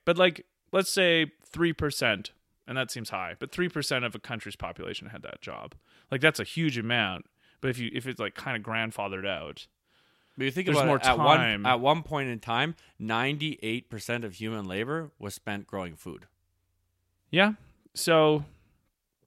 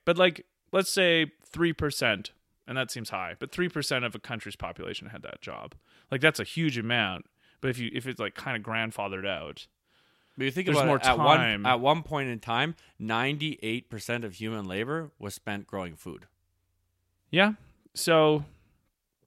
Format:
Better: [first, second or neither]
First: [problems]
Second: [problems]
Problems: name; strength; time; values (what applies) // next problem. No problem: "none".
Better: neither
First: none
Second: none